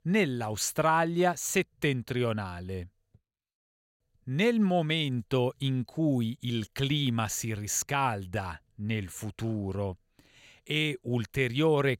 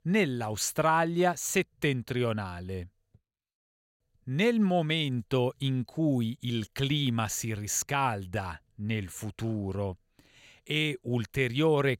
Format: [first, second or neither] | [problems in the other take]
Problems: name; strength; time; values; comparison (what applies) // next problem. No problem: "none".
neither | none